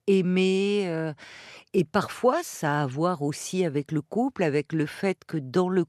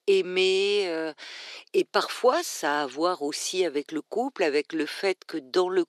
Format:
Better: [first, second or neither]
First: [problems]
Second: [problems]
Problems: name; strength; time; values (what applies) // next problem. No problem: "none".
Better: first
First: none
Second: thin; somewhat; fading below 350 Hz